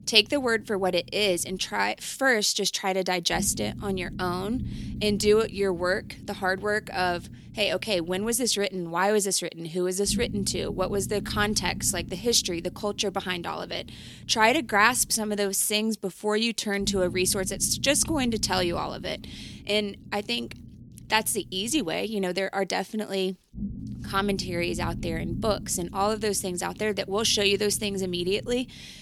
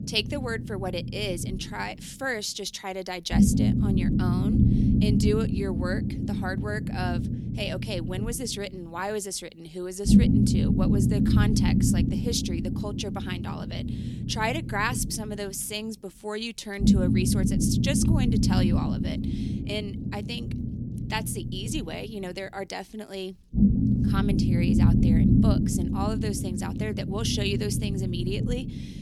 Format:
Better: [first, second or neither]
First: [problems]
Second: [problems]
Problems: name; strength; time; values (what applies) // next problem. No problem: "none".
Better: first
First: low rumble; faint; throughout; 20 dB below the speech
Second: low rumble; loud; throughout; 1 dB below the speech